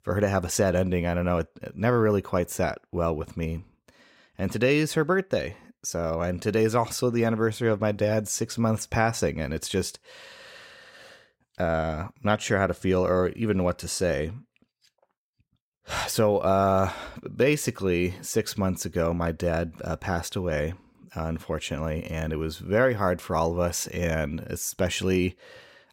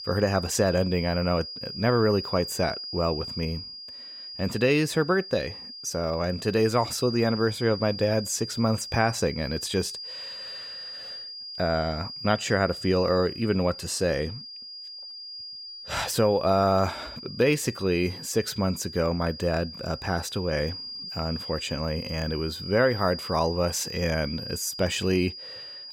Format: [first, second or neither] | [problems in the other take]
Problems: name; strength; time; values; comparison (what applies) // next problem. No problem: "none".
first | high-pitched whine; loud; throughout; 5 kHz, 10 dB below the speech